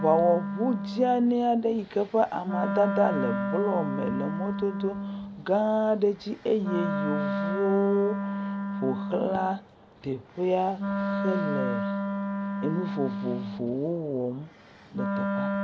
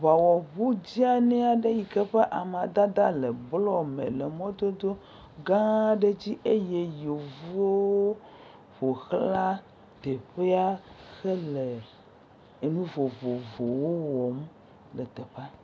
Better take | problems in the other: second | background sound (Wind instrument, woodwind instrument); 3 dB below the speech

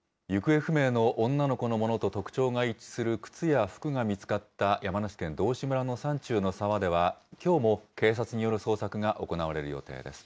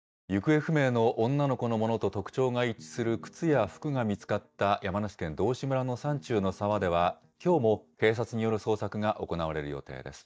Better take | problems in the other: first | noise reduction (neural mask model DeepFilterNet 3)

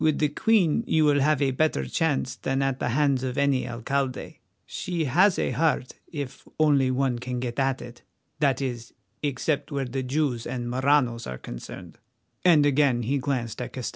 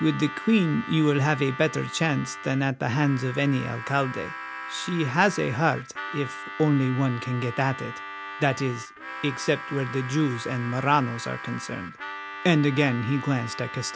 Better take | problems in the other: first | background sound (Harmonica); 11 dB below the speech

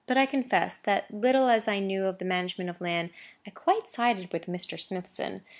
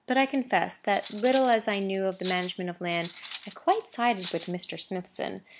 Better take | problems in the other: first | background sound (Cutlery, silverware); 18 dB below the speech

